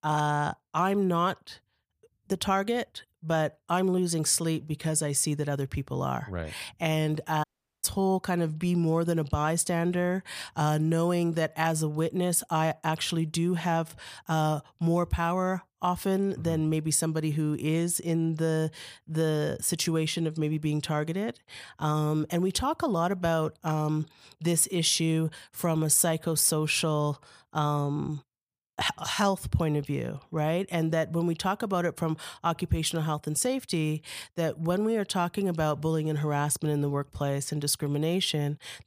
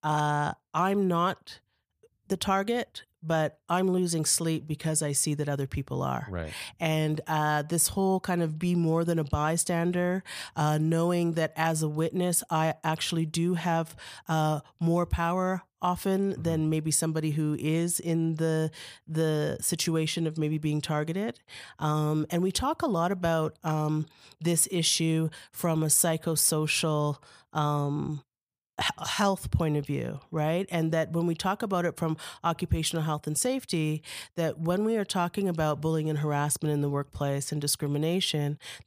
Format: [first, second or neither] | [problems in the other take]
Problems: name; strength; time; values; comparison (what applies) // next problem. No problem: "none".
second | audio cutting out; at 7.5 s